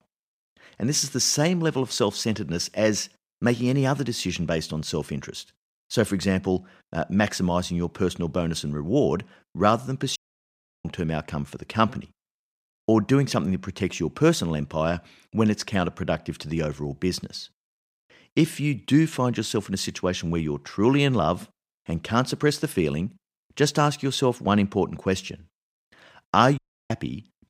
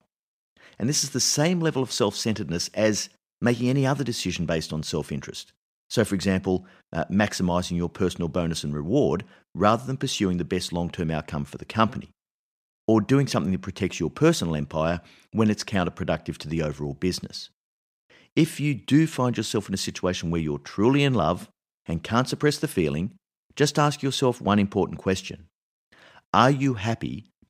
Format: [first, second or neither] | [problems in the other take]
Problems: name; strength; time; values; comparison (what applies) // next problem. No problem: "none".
second | audio cutting out; at 10 s for 0.5 s and at 27 s